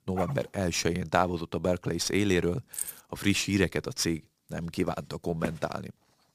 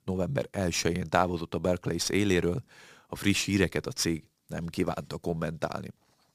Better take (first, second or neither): second